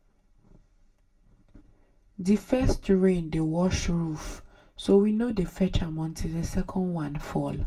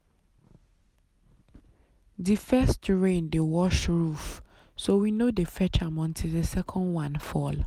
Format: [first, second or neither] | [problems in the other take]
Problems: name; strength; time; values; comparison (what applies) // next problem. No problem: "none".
second | room echo; dies away in 0.2 s